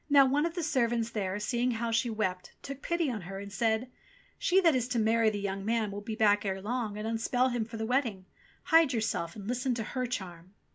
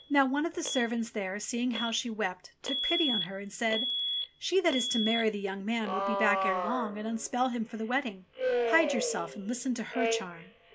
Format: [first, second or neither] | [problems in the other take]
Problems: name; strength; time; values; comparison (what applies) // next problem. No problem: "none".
first | background sound (Alarm); 3 dB below the speech